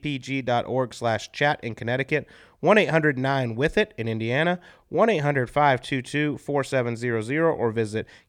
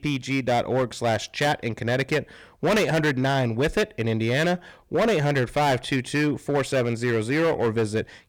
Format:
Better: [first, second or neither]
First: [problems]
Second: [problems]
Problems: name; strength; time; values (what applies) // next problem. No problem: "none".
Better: first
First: none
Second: distortion; heavy; 13% of the sound clipped